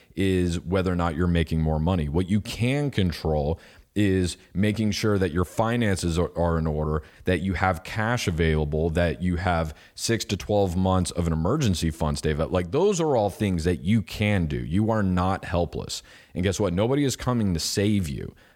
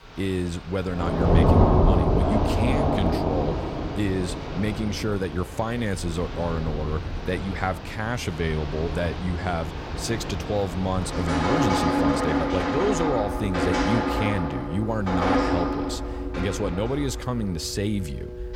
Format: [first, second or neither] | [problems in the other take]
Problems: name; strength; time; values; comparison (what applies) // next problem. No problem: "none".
first | rain or running water; very loud; throughout; 2 dB above the speech